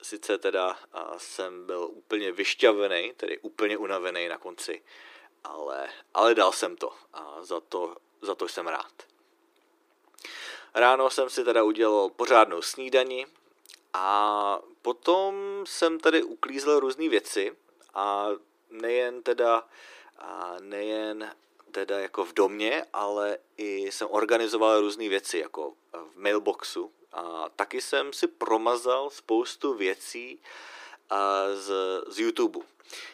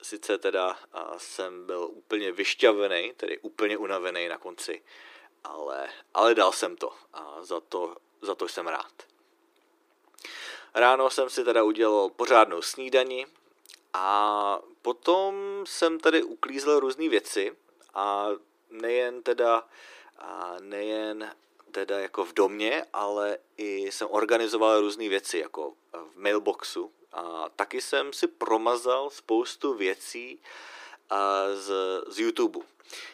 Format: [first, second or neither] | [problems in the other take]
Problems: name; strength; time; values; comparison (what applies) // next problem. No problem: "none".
neither | thin; very; fading below 350 Hz; the same in both